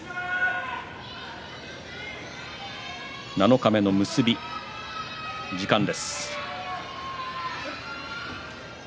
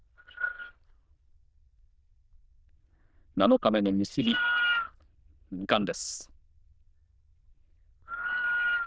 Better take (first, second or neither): first